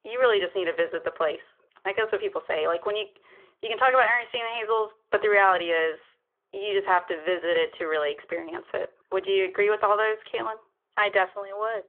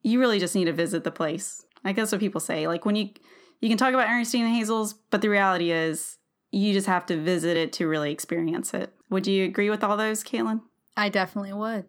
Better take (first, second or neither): second